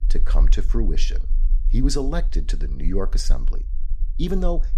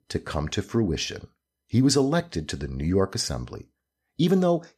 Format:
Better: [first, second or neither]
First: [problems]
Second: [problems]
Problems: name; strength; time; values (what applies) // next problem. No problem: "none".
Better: second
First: low rumble; faint; throughout; 20 dB below the speech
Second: none